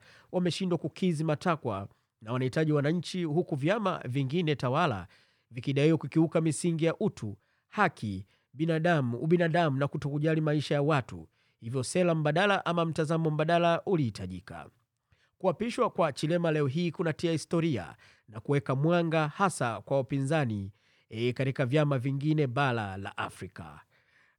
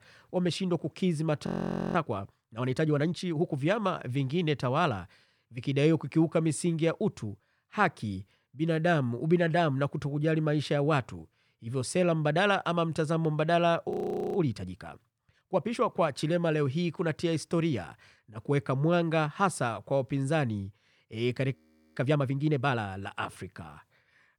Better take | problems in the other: first | audio freezing; at 1.5 s, at 14 s and at 22 s

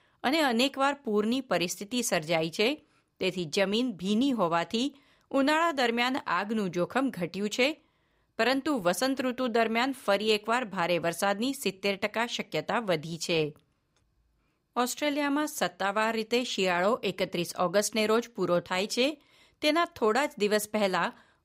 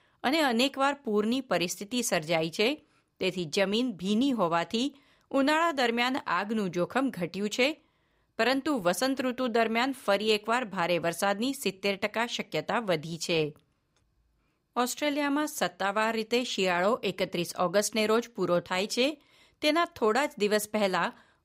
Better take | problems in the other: neither | none

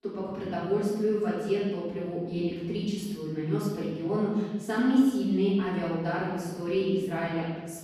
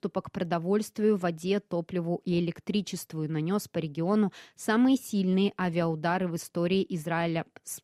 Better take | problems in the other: second | off-mic speech; far // room echo; strong; dies away in 1.3 s

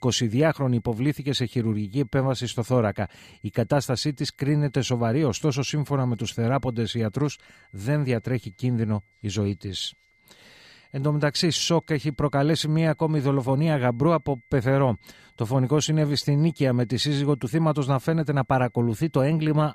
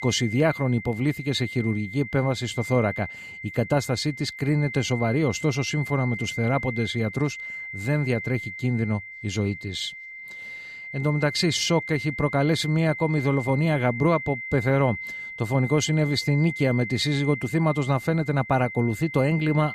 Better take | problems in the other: first | high-pitched whine; loud; throughout; 2 kHz, 9 dB below the speech; faint in the first

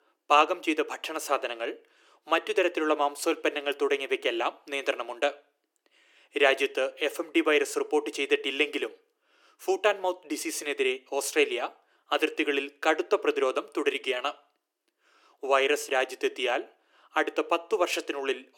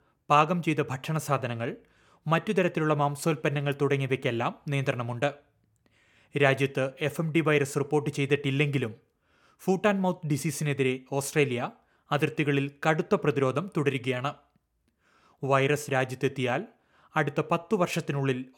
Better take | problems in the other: second | thin; very; fading below 300 Hz

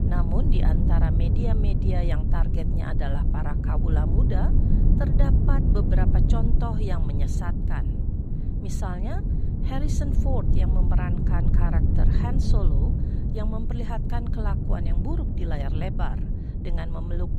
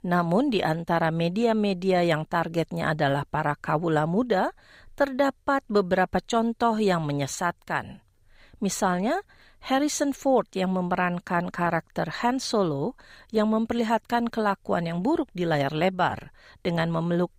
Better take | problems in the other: second | low rumble; loud; throughout; 1 dB below the speech

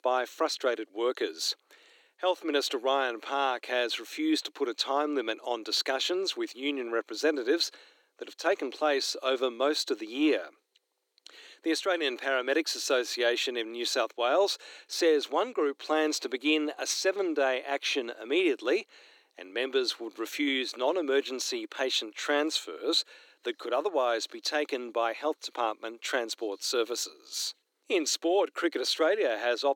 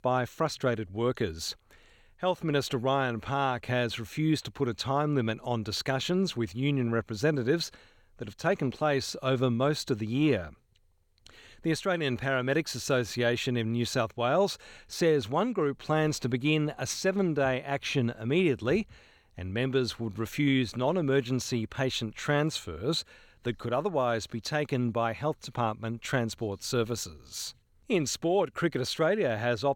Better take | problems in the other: second | thin; somewhat; fading below 300 Hz

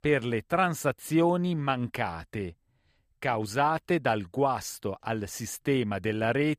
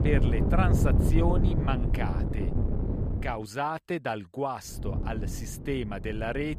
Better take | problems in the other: first | wind noise on the microphone; heavy; until 3.5 s and from 5 s on; 4 dB below the speech

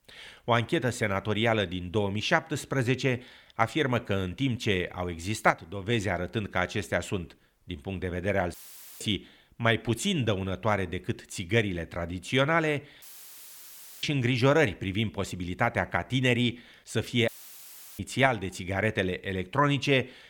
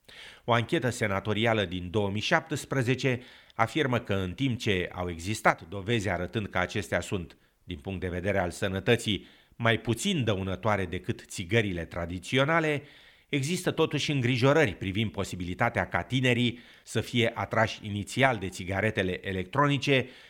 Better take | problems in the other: second | audio cutting out; filled with static; at 8.5 s, at 13 s for 1 s and at 17 s for 0.5 s

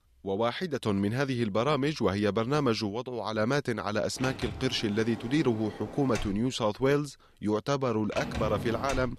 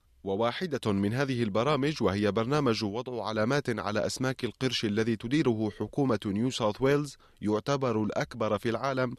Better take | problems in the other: second | door banging; noticeable; from 4 s on; peak 6 dB below the speech

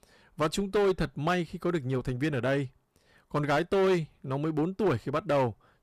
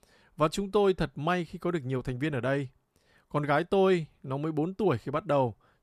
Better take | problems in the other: second | distortion; slight; 7% of the sound clipped

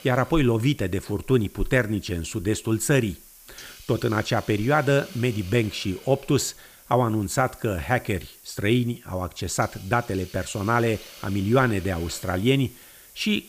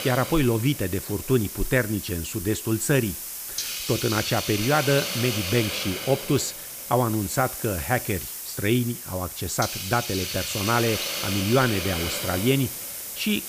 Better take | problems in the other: first | hiss; loud; throughout; 4 dB below the speech; faint in the first

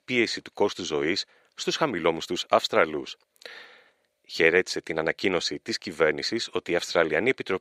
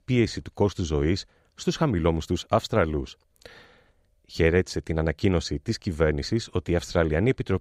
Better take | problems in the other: second | thin; somewhat; fading below 350 Hz

